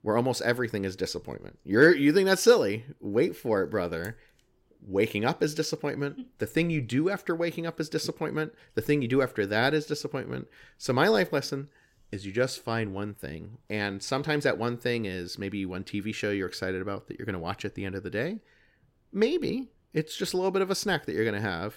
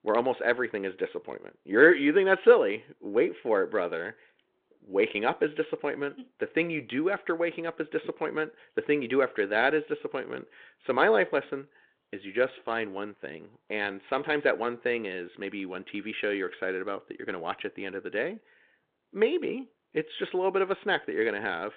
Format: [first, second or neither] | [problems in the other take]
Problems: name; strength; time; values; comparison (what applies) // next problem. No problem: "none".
first | phone-call audio; nothing above 4 kHz